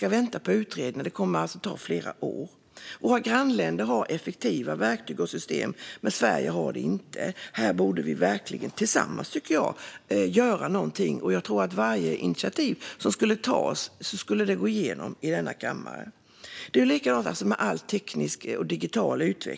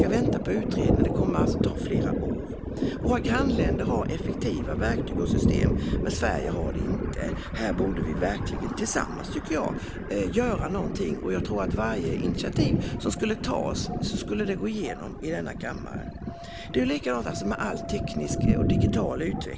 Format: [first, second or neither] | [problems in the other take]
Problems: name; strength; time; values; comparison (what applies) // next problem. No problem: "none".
first | background sound (Thunder); 2 dB above the speech